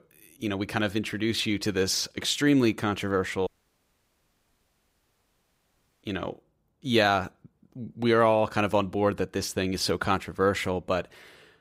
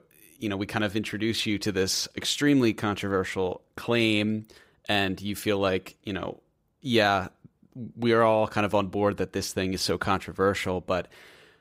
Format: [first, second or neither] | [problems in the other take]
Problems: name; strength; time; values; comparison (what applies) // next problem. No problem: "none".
second | audio cutting out; at 3.5 s for 2.5 s